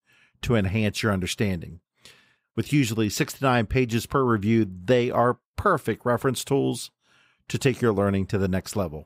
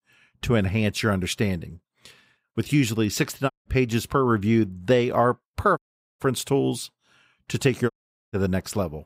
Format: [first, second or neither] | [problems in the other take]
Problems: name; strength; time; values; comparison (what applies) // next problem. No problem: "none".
first | audio cutting out; at 3.5 s, at 6 s and at 8 s